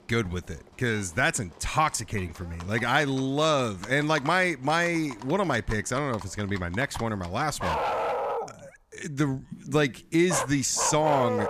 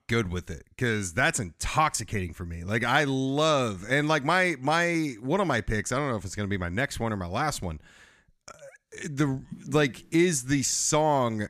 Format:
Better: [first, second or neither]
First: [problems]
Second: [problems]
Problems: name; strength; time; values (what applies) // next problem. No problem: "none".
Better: second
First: animal sounds; loud; throughout; 8 dB below the speech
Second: none